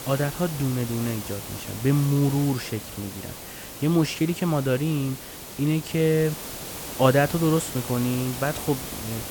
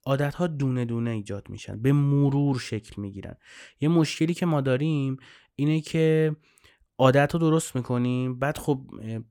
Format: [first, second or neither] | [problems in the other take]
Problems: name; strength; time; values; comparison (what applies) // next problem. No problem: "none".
second | hiss; loud; throughout; 10 dB below the speech